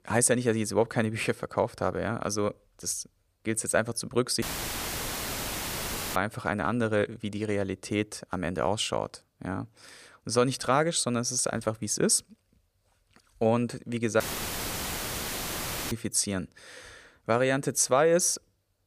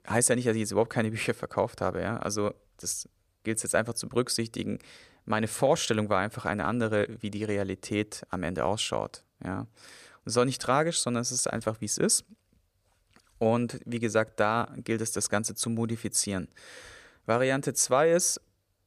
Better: second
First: audio cutting out; filled with static; at 4.5 s for 1.5 s and at 14 s for 1.5 s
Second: none

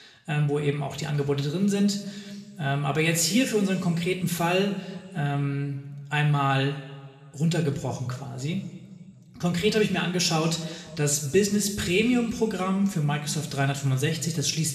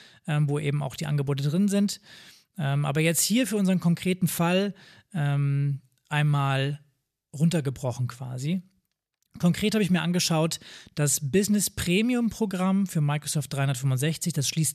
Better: second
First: room echo; slight; dies away in 1.8 s // off-mic speech; somewhat distant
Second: none

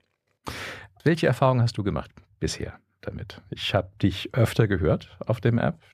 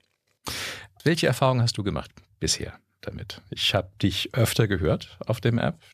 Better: second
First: muffled; slightly; fading above 2.5 kHz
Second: none

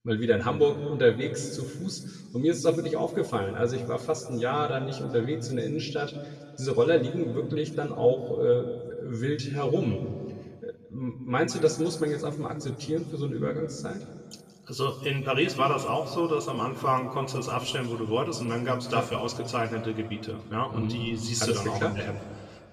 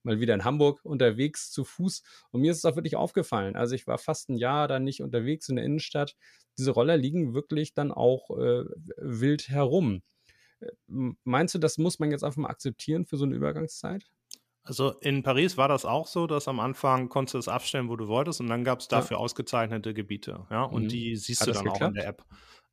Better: second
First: room echo; noticeable; dies away in 1.6 s // off-mic speech; far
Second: none

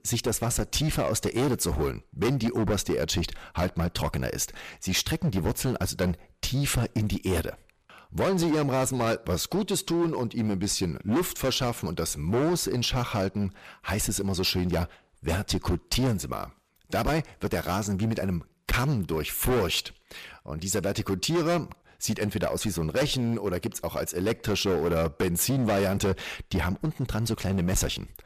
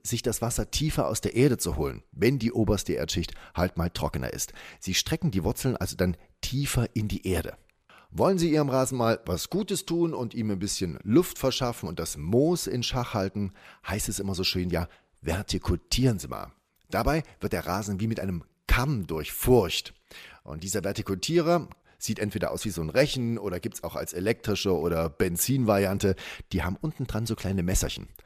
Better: second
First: distortion; heavy; 13% of the sound clipped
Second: none

